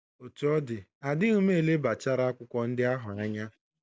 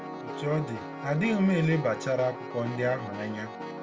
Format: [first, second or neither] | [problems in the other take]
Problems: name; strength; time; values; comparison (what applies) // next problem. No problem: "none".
first | background sound (Piano); 9 dB below the speech // room echo; dies away in 0.2 s